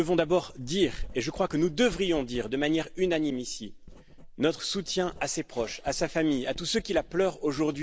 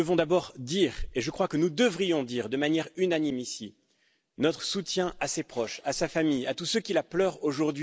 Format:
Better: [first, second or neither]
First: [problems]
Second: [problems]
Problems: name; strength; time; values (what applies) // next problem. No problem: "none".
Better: second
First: background sound (Writing); 16 dB below the speech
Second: none